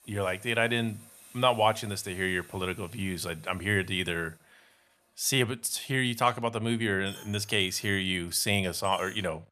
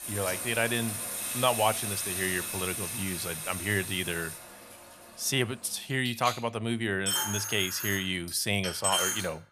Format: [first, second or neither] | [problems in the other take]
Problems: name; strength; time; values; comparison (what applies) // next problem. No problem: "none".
first | household noises; loud; throughout; 2 dB below the speech; faint in the first